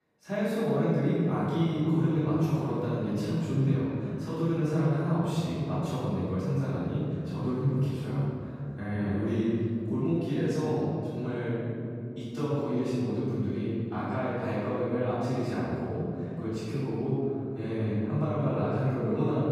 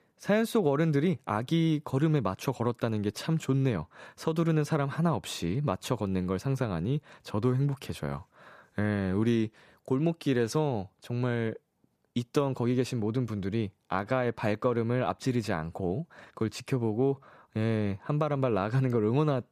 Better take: second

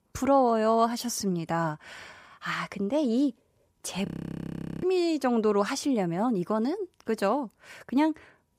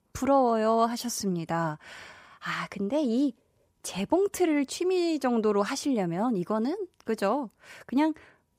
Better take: second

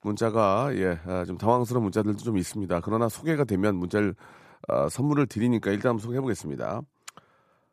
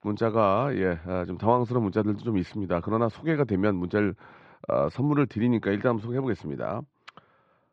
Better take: first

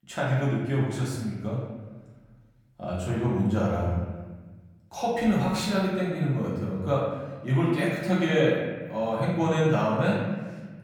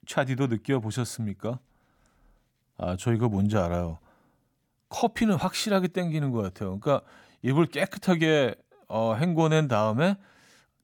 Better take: second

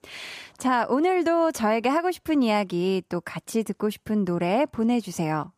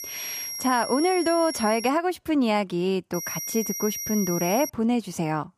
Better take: first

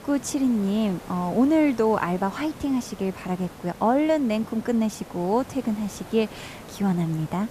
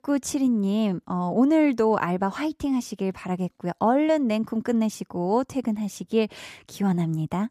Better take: second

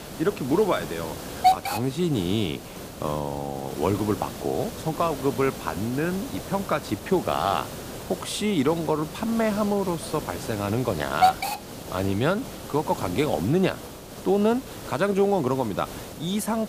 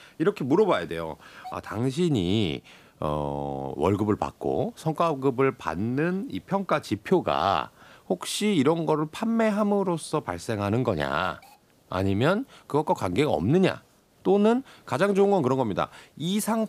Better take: second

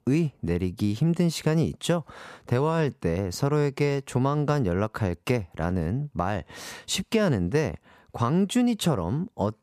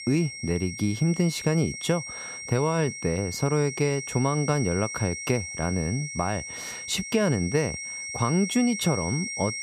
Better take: first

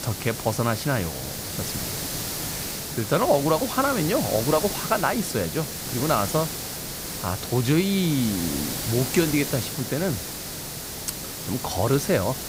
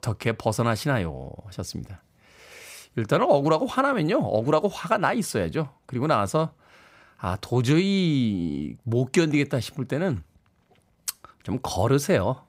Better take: second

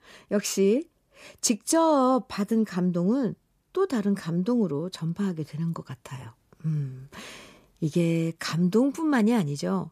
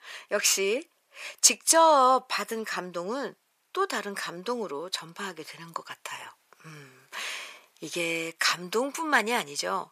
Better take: first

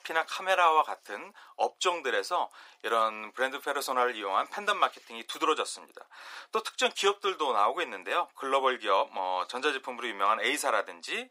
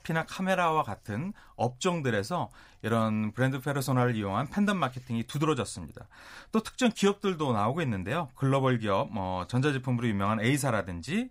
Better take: second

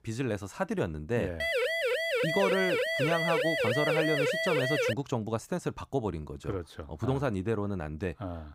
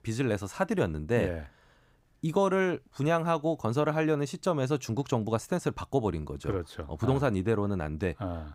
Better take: second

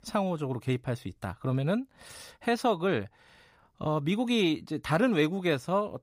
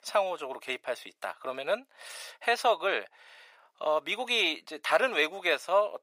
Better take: first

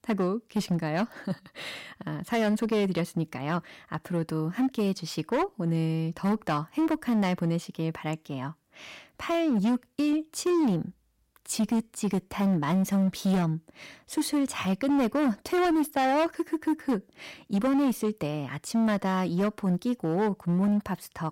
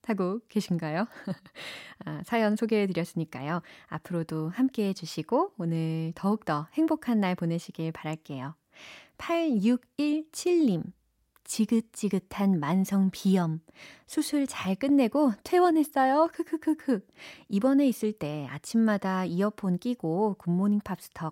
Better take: second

